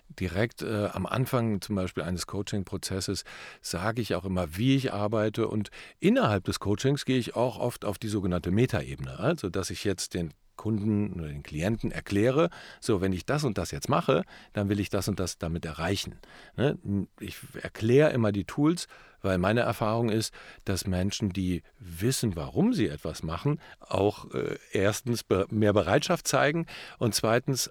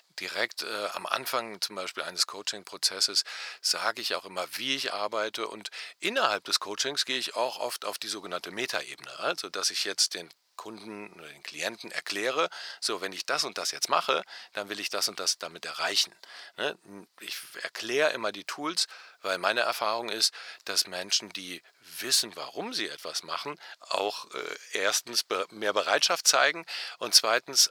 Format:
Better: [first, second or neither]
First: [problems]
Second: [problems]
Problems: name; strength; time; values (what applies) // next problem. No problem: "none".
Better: first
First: none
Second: thin; very; fading below 800 Hz